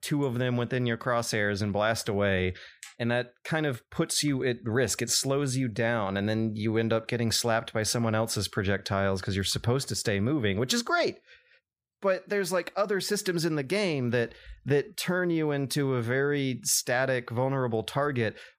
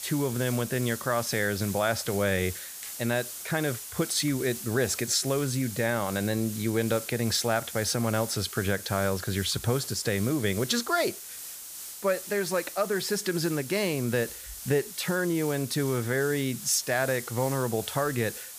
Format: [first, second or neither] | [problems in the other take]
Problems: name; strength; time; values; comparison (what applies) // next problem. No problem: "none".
first | hiss; loud; throughout; 9 dB below the speech